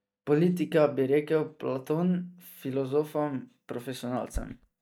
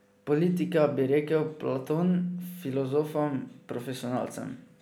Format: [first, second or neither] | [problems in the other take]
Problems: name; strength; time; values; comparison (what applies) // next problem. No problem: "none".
second | noise reduction (neural mask model DeepFilterNet 3)